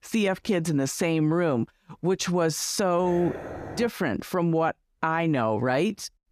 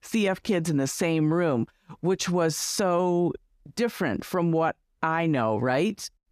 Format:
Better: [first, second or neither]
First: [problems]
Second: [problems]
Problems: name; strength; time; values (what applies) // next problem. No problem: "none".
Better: second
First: dog barking; faint; at 3 s; peak 10 dB below the speech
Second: none